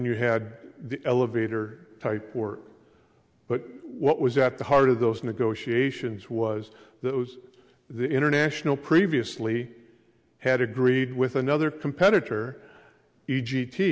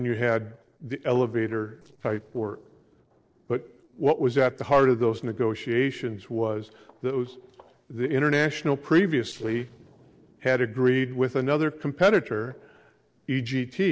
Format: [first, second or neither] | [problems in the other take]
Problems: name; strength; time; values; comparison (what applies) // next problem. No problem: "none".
first | noise reduction (neural separator model SepFormer DNS4)